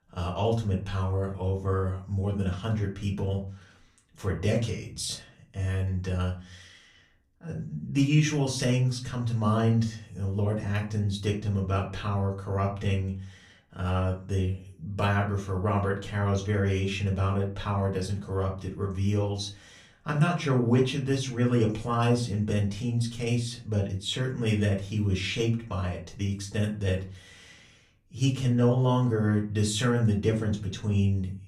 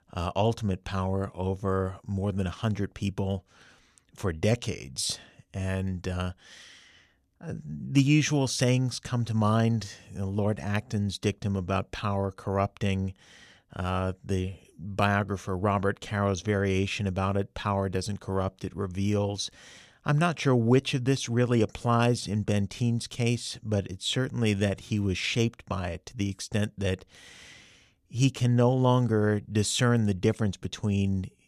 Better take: second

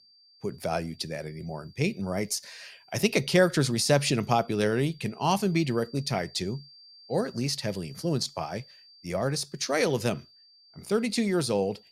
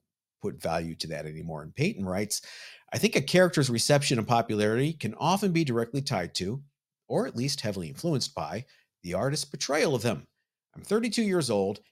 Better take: second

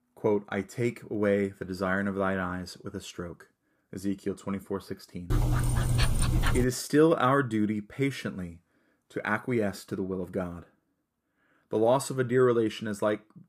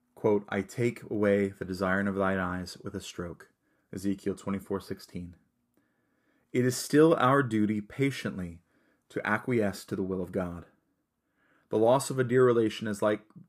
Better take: second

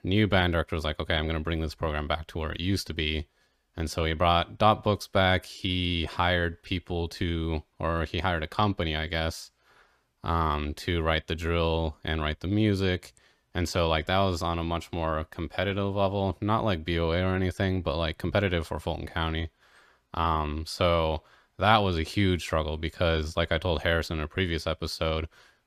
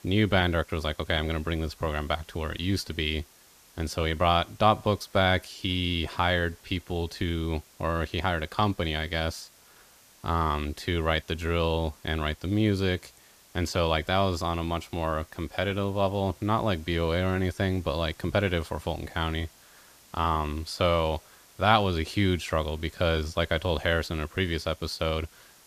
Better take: first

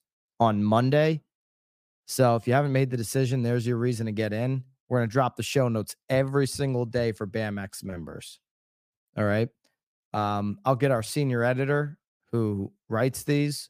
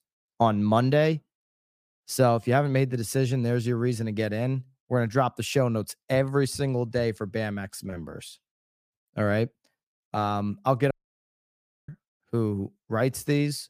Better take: first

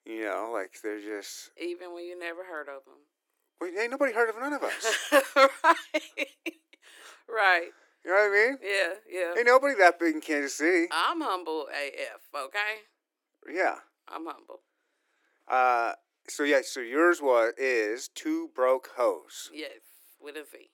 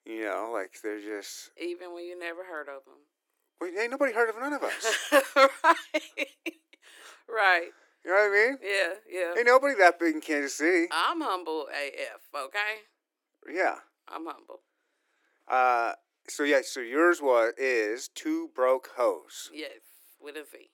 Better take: neither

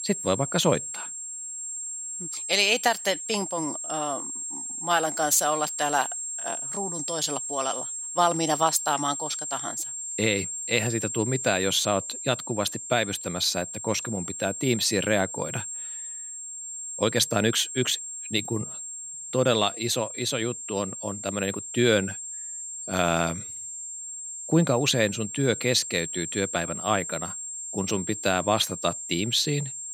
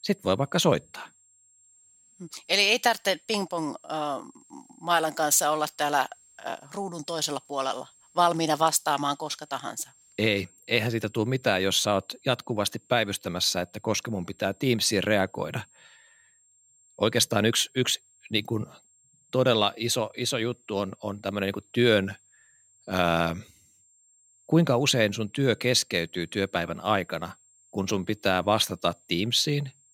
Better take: second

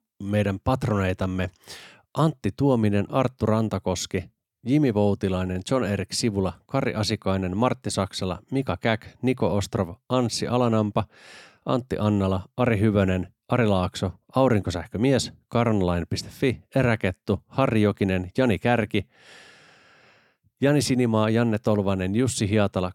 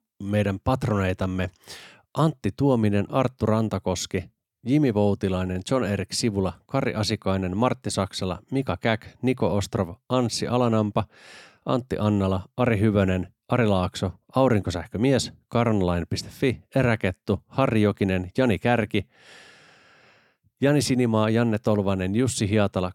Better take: neither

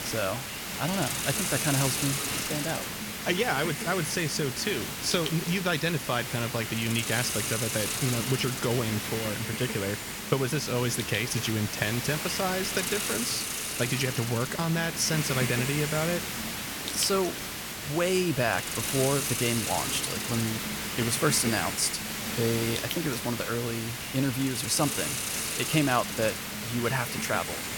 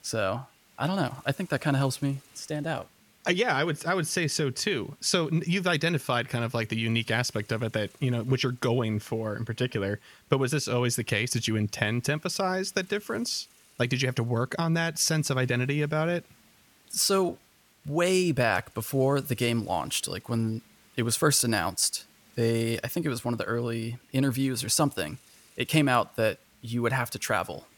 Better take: second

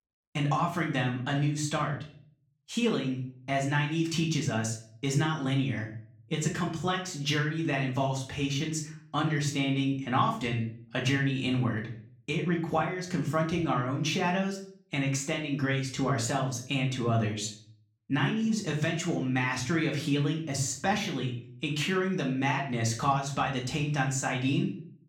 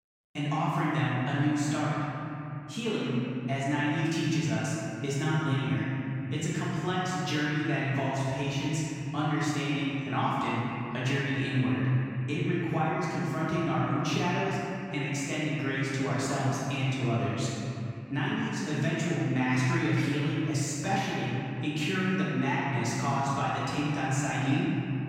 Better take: first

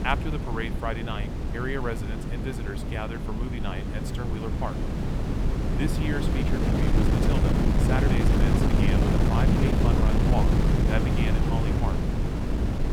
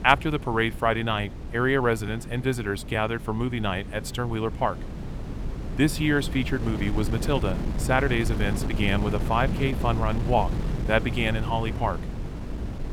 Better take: second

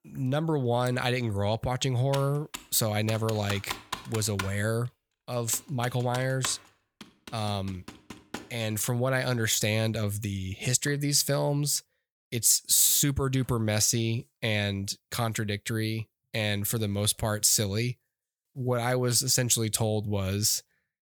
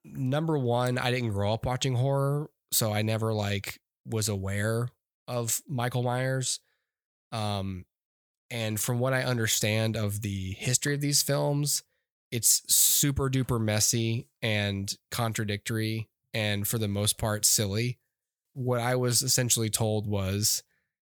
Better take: second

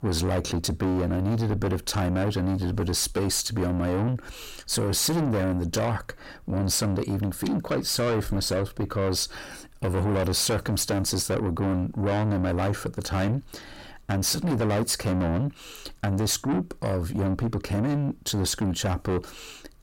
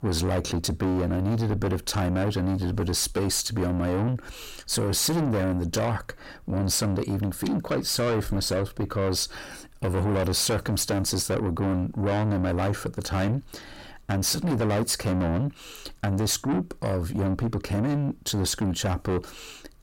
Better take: neither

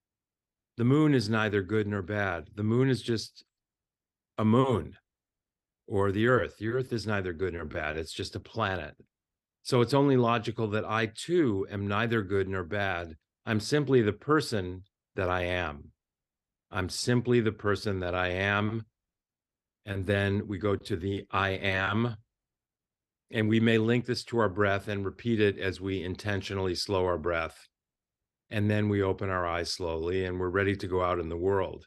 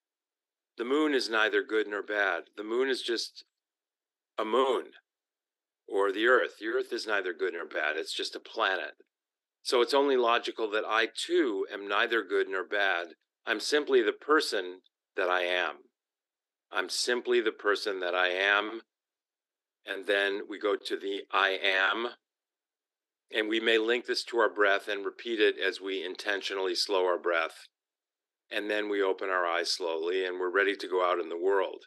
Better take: first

